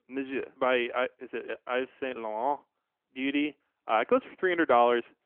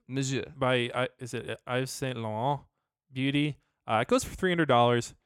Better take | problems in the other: second | phone-call audio; nothing above 3.5 kHz

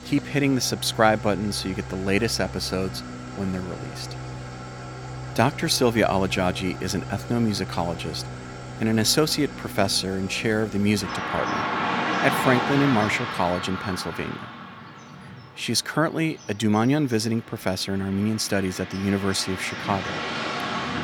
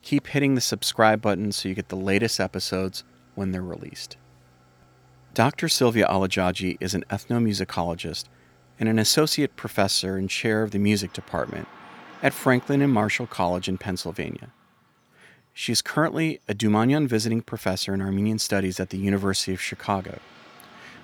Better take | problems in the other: second | traffic noise; loud; throughout; 7 dB below the speech; faint in the second

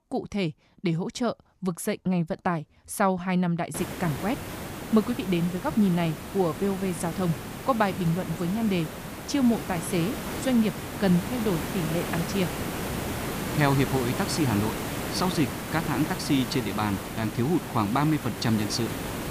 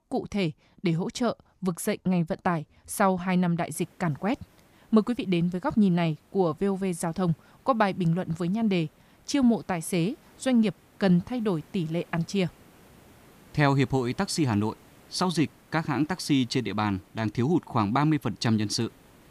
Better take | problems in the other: second | hiss; loud; from 3.5 s on; 6 dB below the speech; faint in the second

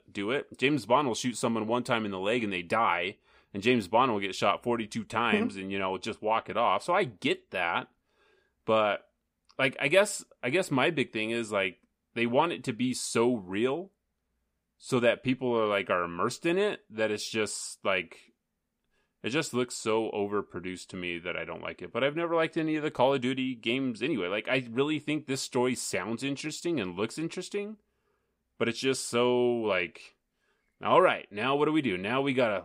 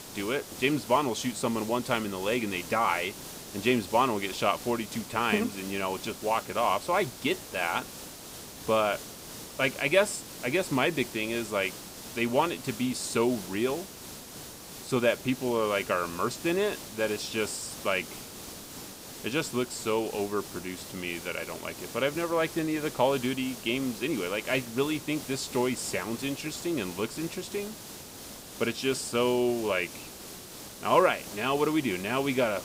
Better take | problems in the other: first | hiss; noticeable; throughout; 10 dB below the speech

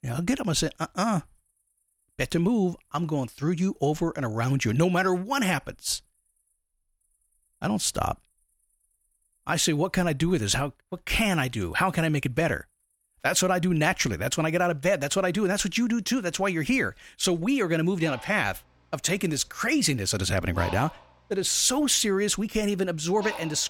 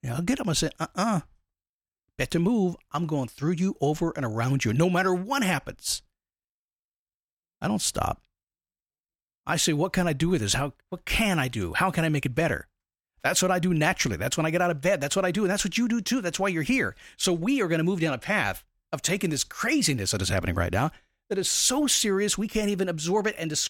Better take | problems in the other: second | animal sounds; noticeable; throughout; 15 dB below the speech

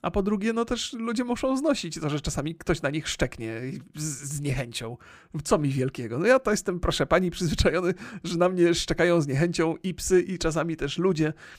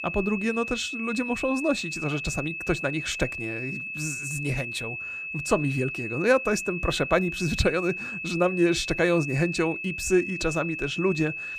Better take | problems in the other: first | high-pitched whine; loud; throughout; 2.5 kHz, 5 dB below the speech

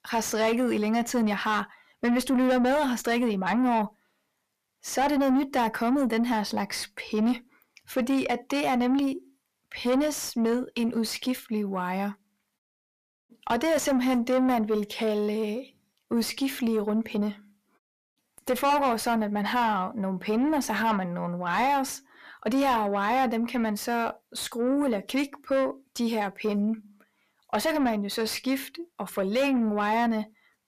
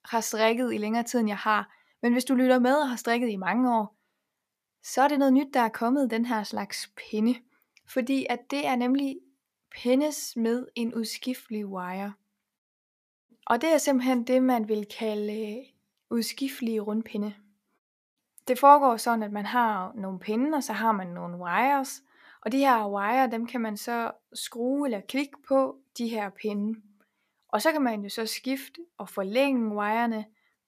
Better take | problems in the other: second | distortion; heavy; 7 dB below the speech

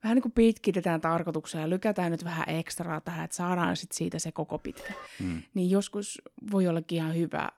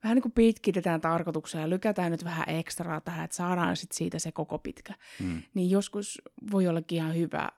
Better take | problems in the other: second | phone ringing; faint; at 5 s; peak 15 dB below the speech

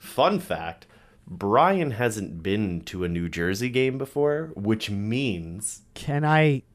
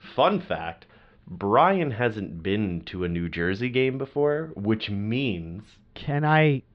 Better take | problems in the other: first | muffled; slightly; fading above 4 kHz

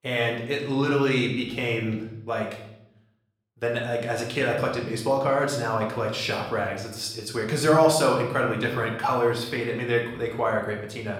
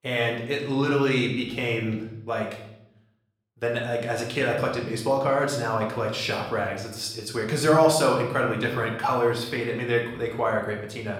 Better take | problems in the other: neither | room echo; noticeable; dies away in 0.7 s; the same in both // off-mic speech; somewhat distant; the same in both

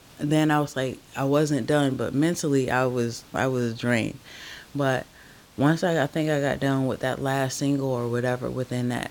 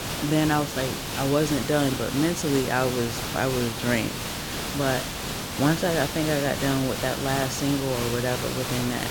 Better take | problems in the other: first | hiss; loud; throughout; 4 dB below the speech; faint in the first

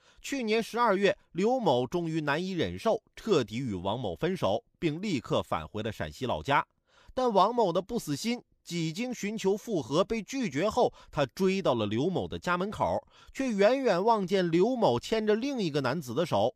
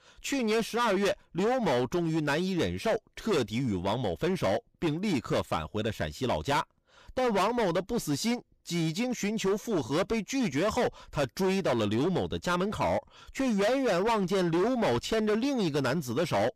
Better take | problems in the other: first | distortion; heavy; 17% of the sound clipped

